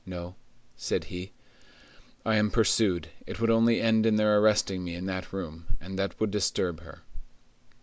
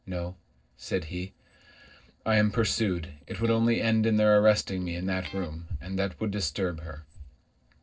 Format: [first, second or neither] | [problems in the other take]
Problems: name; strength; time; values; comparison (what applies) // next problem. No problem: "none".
first | noise reduction (neural separator model SepFormer DNS4)